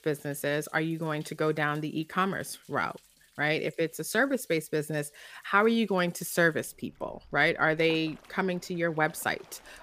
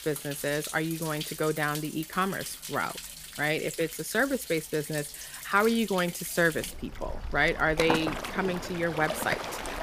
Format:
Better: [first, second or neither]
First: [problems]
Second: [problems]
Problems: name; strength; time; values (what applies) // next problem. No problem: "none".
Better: first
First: rain or running water; faint; throughout; 25 dB below the speech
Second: rain or running water; loud; throughout; 8 dB below the speech